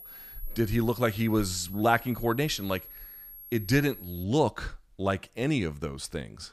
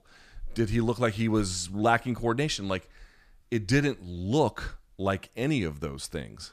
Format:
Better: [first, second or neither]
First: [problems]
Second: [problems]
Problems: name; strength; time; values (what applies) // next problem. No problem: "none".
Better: second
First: high-pitched whine; noticeable; until 4 s; 11.5 kHz, 15 dB below the speech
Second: none